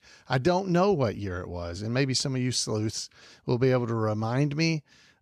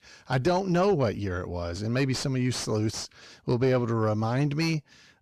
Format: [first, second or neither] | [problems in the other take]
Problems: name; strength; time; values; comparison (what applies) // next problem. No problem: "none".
first | distortion; slight; 10 dB below the speech